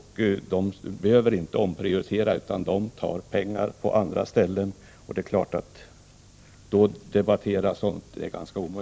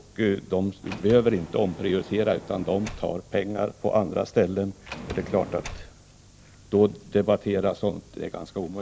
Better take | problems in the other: first | background sound (Sliding door); 17 dB below the speech

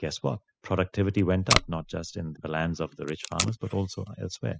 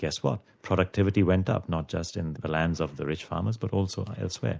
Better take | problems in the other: second | noise reduction (classical method spectral subtraction)

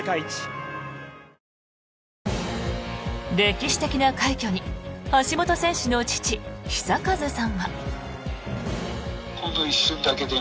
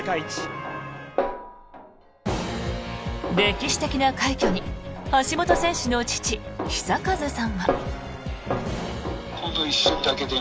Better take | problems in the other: first | background sound (Snare drum); 6 dB below the speech

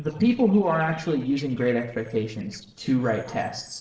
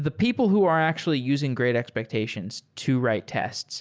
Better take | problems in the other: second | noise reduction (neural separator model SepFormer DNS4)

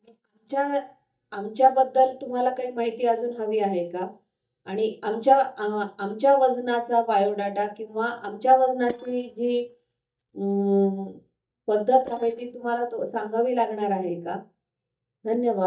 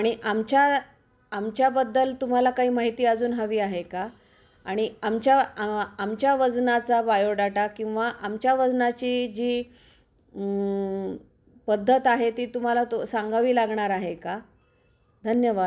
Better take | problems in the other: second | noise reduction (neural mask model DeepFilterNet 3)

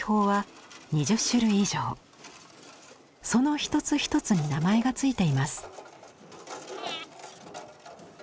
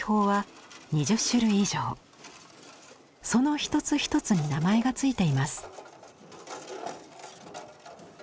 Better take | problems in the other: second | background sound (Breathing); 17 dB below the speech

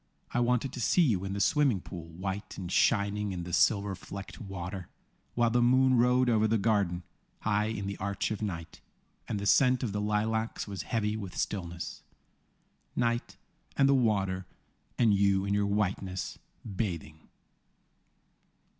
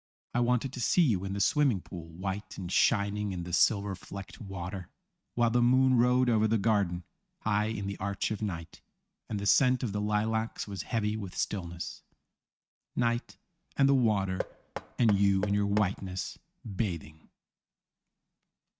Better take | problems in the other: first | noise reduction (neural mask model RNNoise)

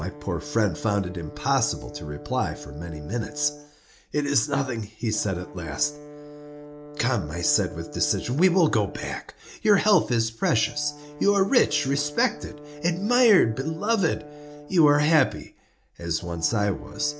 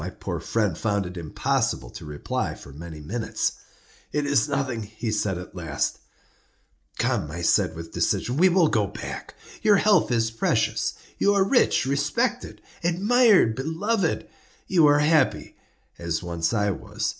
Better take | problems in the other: second | background sound (Brass instrument); 17 dB below the speech

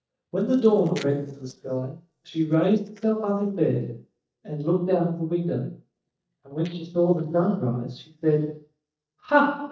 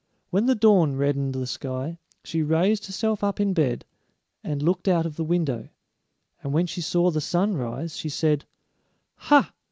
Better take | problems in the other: second | noise reduction (neural mask model DeepFilterNet 3)

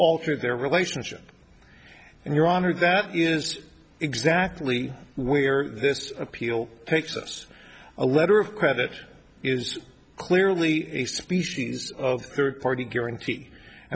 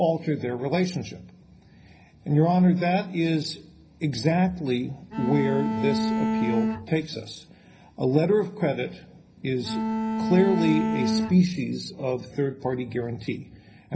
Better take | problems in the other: first | background sound (Bowed string instrument); as loud as the speech // room echo; dies away in 0.4 s

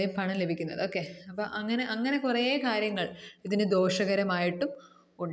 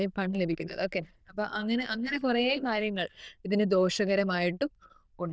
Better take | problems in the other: first | noise reduction (neural diffusion model UNIVERSE++)

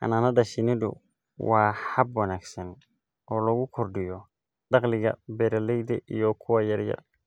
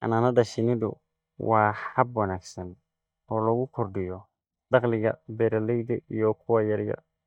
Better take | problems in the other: first | noise reduction (neural mask model DeepFilterNet 3)

